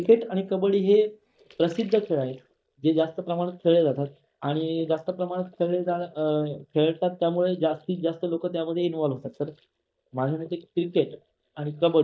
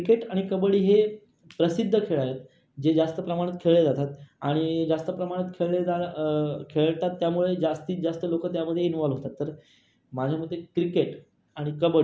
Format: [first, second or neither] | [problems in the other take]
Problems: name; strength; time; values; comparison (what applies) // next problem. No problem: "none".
second | noise reduction (neural mask model DeepFilterNet 3)